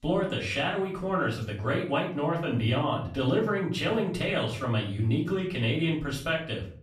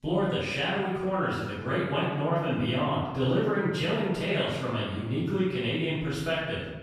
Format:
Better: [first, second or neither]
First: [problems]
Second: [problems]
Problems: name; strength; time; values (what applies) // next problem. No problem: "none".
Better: first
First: room echo; slight; dies away in 0.4 s // off-mic speech; far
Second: room echo; strong; dies away in 1.1 s // off-mic speech; far